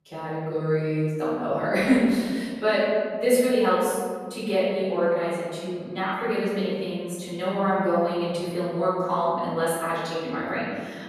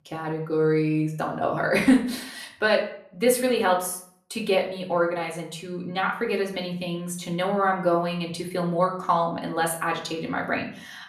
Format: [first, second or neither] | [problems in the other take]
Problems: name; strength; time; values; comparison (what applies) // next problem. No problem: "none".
second | room echo; strong; dies away in 1.9 s; slight in the second // off-mic speech; far; far in the second